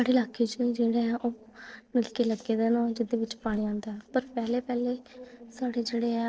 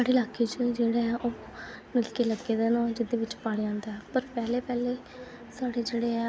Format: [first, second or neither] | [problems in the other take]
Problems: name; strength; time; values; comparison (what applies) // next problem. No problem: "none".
second | noise reduction (neural separator model SepFormer DNS4)